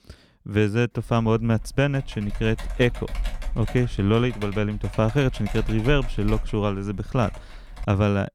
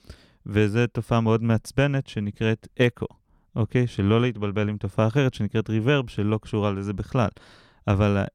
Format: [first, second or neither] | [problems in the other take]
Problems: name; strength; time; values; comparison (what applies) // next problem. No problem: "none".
second | keyboard typing; noticeable; from 1 to 8 s; peak 8 dB below the speech